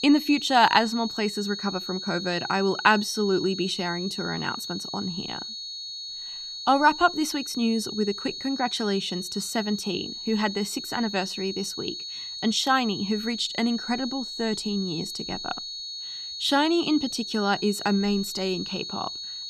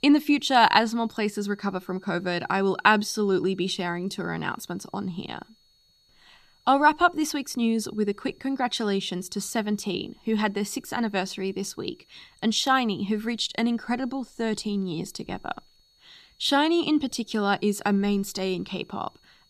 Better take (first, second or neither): second